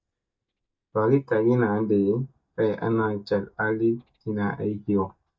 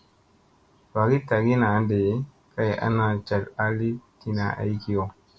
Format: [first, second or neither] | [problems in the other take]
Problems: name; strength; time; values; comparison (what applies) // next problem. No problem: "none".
second | noise reduction (neural mask model DeepFilterNet 3)